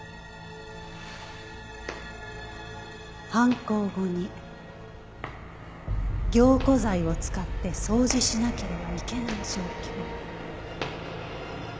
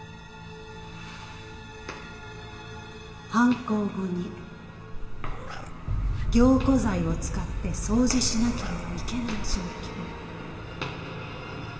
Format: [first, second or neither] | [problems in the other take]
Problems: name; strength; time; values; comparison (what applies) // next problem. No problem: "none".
first | background sound (Meow); 4 dB below the speech // room echo; dies away in 1.6 s